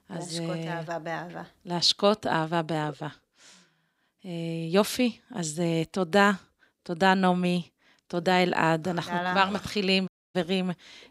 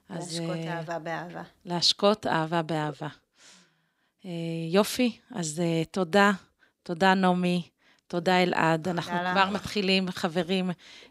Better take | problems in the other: second | audio cutting out; at 10 s

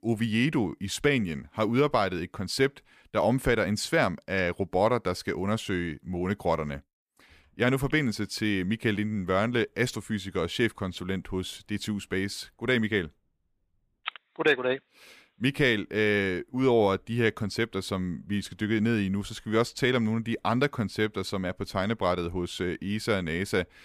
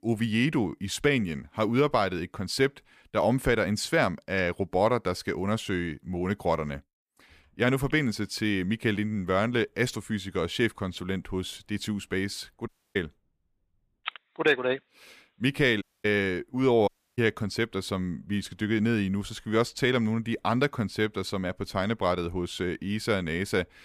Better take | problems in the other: first | audio cutting out; at 13 s, at 16 s and at 17 s

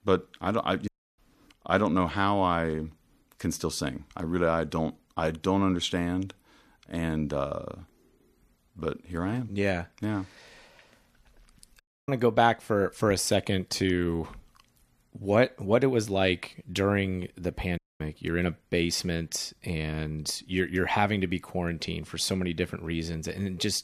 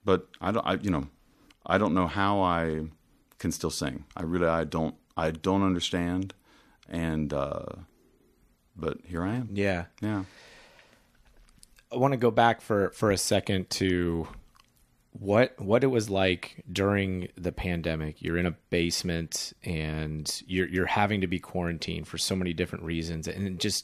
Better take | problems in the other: second | audio cutting out; at 1 s, at 12 s and at 18 s

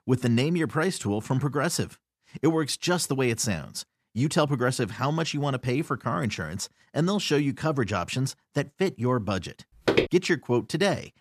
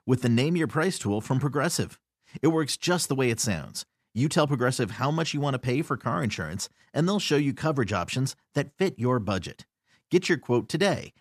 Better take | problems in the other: second | footsteps; loud; at 10 s; peak 2 dB above the speech

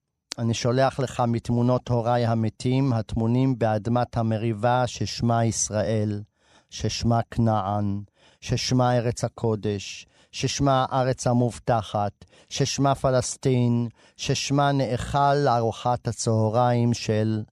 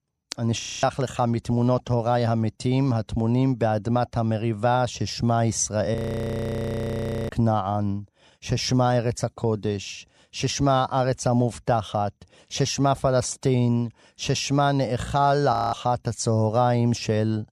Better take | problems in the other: first | audio freezing; at 0.5 s, at 6 s for 1.5 s and at 16 s

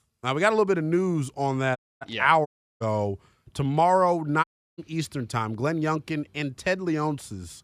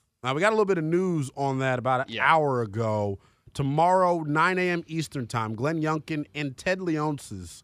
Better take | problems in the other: second | audio cutting out; at 2 s, at 2.5 s and at 4.5 s

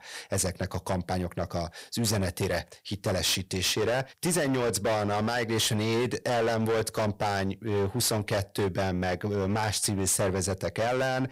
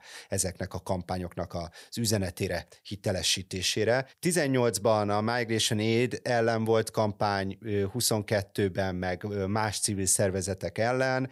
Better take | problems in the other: second | distortion; heavy; 18% of the sound clipped

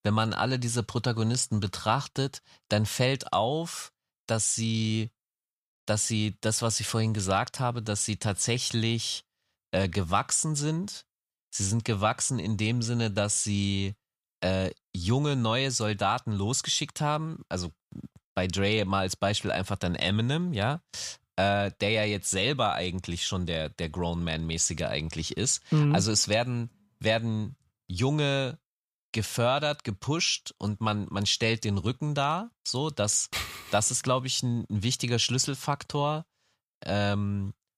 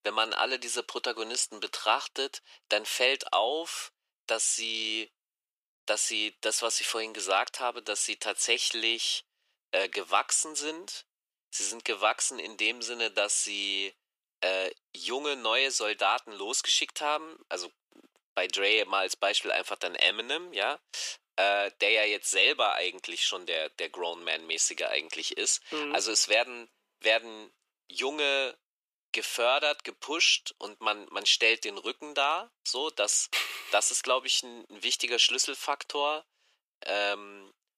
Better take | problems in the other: first | thin; very; fading below 350 Hz

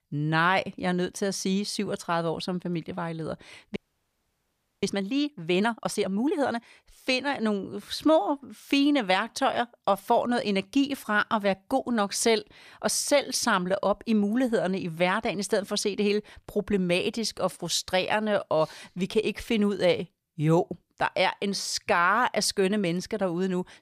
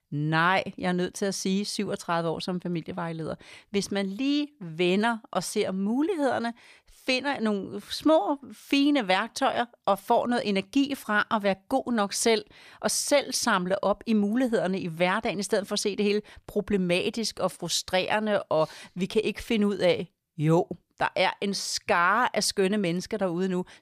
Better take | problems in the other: second | audio freezing; at 4 s for 1 s

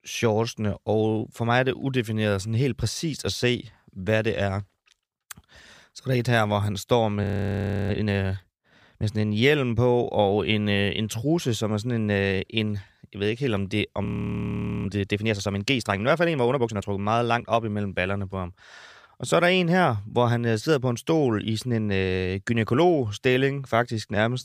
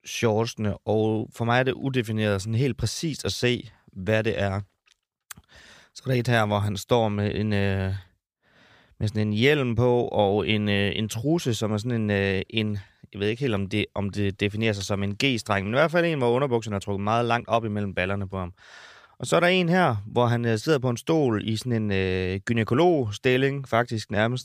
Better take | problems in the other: second | audio freezing; at 7 s for 0.5 s and at 14 s for 1 s

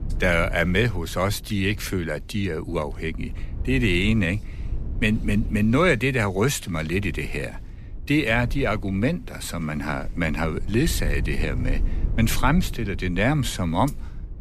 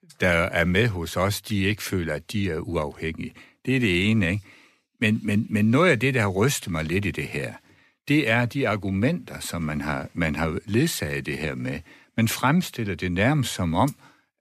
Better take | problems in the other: second | low rumble; faint; throughout; 20 dB below the speech

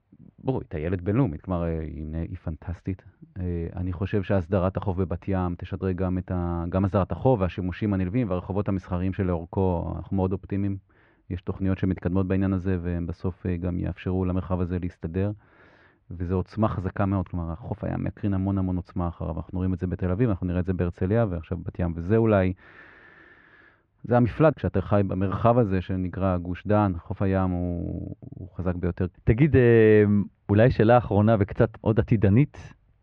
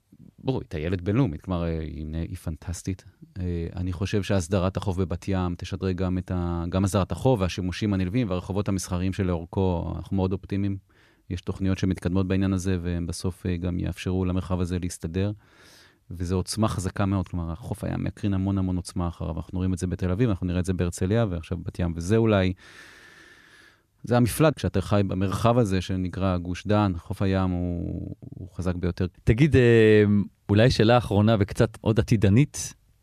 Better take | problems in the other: second | muffled; very; fading above 2.5 kHz

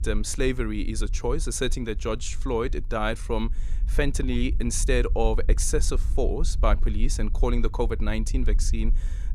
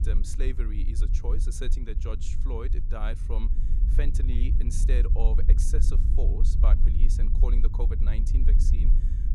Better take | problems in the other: first | low rumble; loud; throughout; 6 dB below the speech; faint in the first

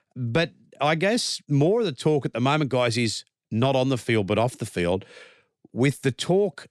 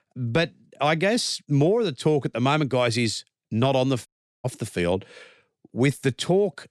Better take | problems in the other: first | audio cutting out; at 4 s

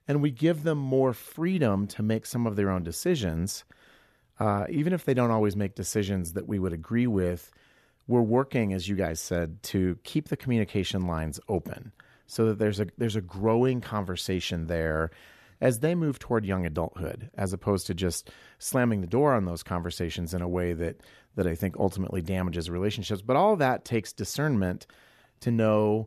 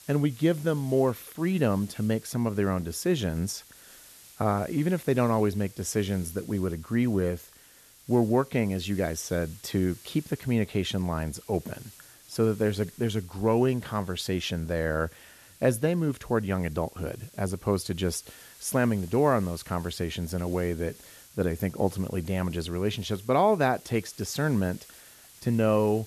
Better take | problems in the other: first | hiss; faint; throughout; 20 dB below the speech

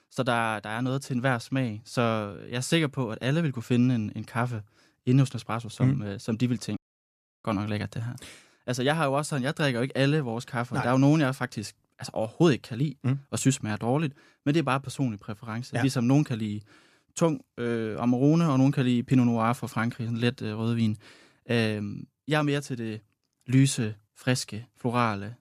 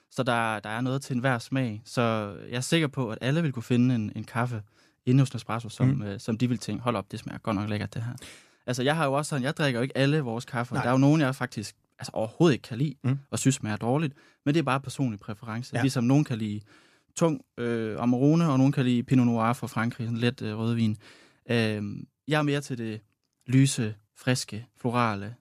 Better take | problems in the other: second | audio cutting out; at 7 s for 0.5 s

